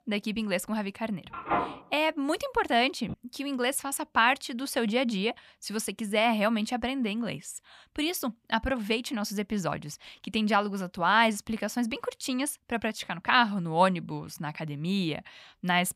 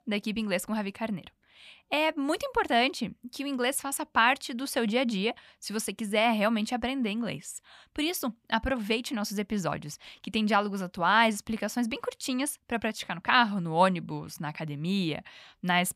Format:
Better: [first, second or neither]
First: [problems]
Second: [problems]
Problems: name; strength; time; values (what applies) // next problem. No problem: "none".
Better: second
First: phone ringing; noticeable; from 1.5 to 3 s; peak 1 dB below the speech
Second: none